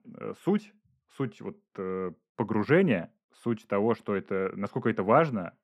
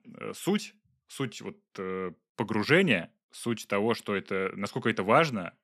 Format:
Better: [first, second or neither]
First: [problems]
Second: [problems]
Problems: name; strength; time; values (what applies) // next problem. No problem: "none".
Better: second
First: muffled; very; fading above 2 kHz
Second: none